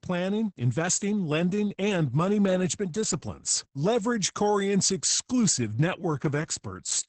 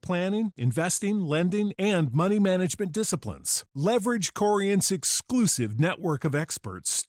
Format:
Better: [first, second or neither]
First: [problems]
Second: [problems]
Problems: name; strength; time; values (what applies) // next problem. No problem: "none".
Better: second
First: garbled, watery; badly; nothing above 8 kHz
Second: garbled, watery; slightly; nothing above 16 kHz